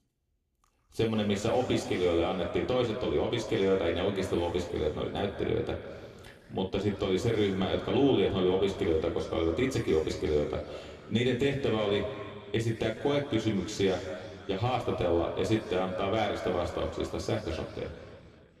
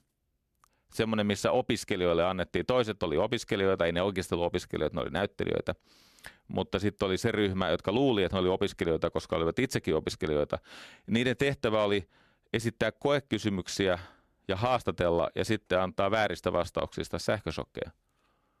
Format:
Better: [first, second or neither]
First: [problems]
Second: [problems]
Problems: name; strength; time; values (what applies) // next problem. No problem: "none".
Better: second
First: room echo; noticeable; dies away in 2.3 s // off-mic speech; somewhat distant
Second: none